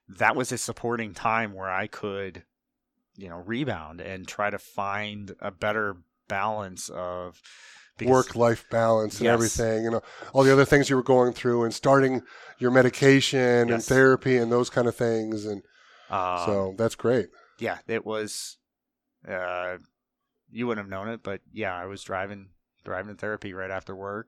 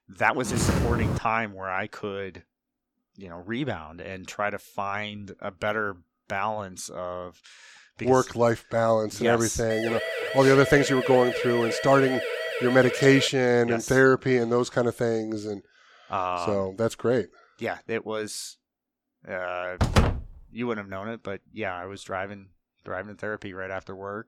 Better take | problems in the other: first | footsteps; loud; at 0.5 s; peak 1 dB above the speech // siren; noticeable; from 9.5 to 13 s; peak 3 dB below the speech // door banging; loud; at 20 s; peak 3 dB above the speech

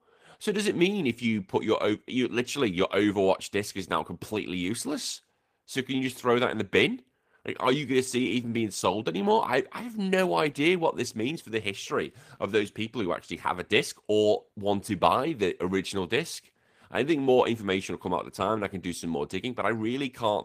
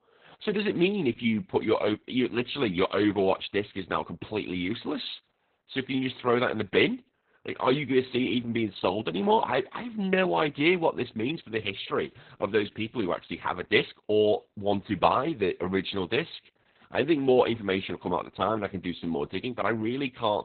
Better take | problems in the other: first | garbled, watery; badly; nothing above 4 kHz; slightly in the first

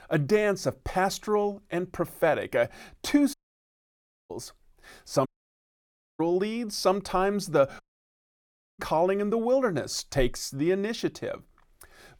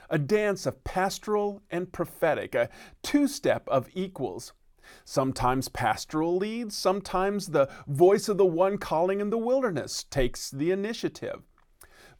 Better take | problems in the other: second | audio cutting out; at 3.5 s for 1 s, at 5.5 s for 1 s and at 8 s for 1 s

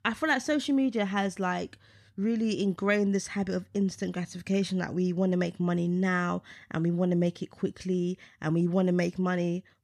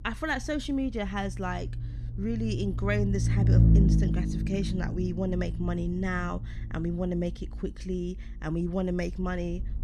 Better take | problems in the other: first | low rumble; loud; throughout; 5 dB below the speech

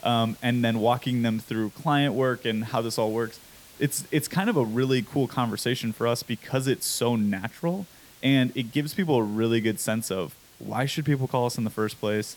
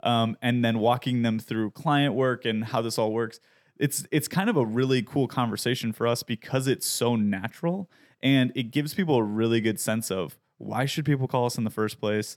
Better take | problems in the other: second | hiss; faint; throughout; 25 dB below the speech

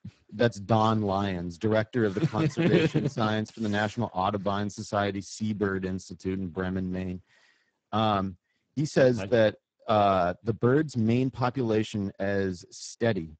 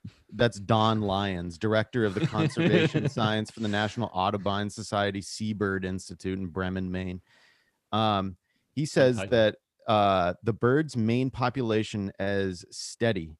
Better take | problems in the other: second | garbled, watery; badly; nothing above 8 kHz

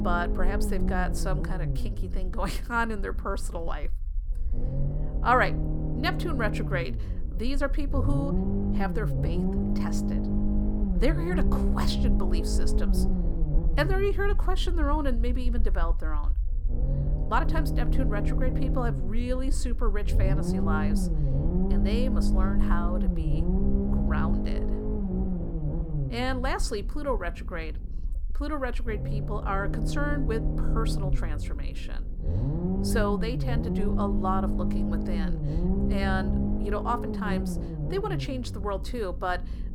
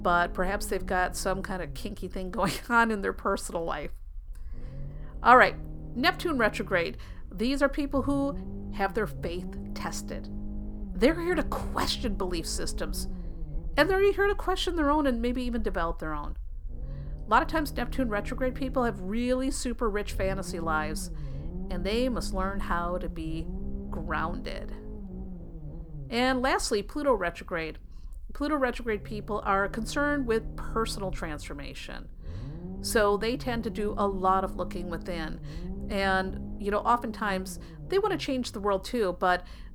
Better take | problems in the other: second | low rumble; loud; throughout; 6 dB below the speech; faint in the second

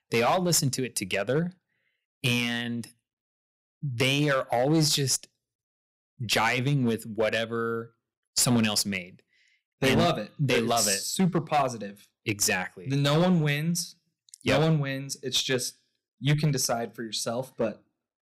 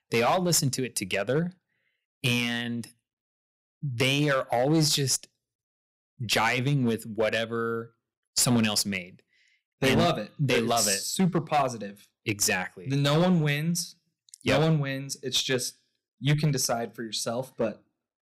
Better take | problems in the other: neither | distortion; slight; 5% of the sound clipped; the same in both

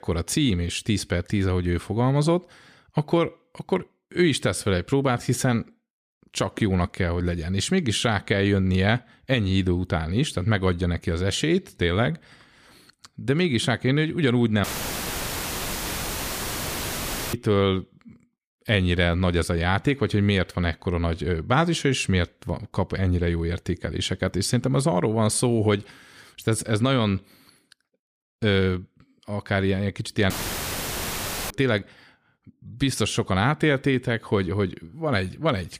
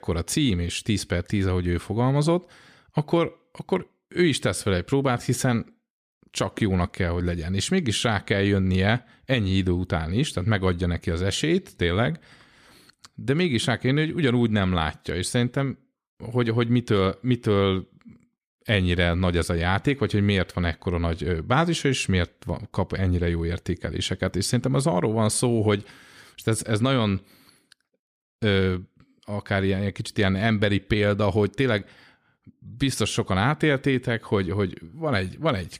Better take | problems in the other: second | audio cutting out; filled with static; at 15 s for 2.5 s and at 30 s for 1 s

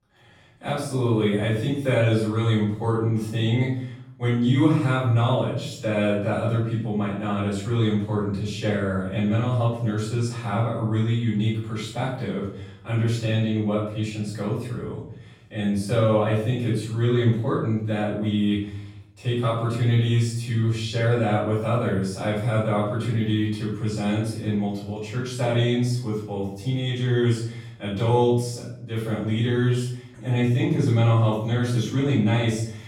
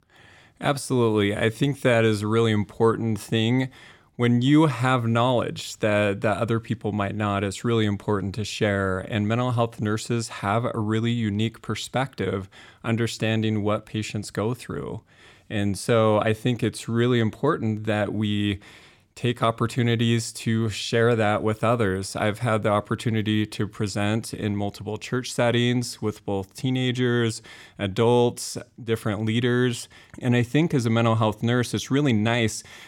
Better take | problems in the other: second | off-mic speech; far // room echo; noticeable; dies away in 0.6 s

